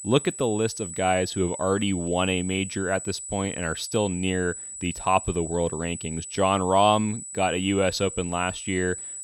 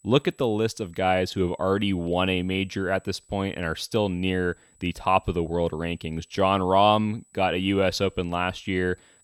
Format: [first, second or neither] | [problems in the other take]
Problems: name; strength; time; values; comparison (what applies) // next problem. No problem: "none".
second | high-pitched whine; loud; throughout; 8 kHz, 9 dB below the speech; faint in the second